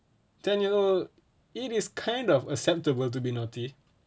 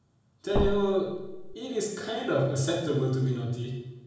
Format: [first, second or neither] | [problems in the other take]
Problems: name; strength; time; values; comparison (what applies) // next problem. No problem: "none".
first | background sound (Thump, thud); 2 dB below the speech // room echo; dies away in 1 s